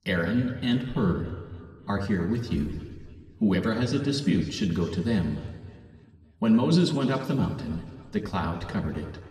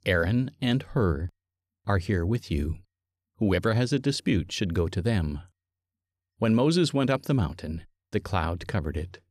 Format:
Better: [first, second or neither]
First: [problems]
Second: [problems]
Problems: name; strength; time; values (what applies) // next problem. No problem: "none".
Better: second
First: room echo; slight; dies away in 2 s // off-mic speech; somewhat distant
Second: none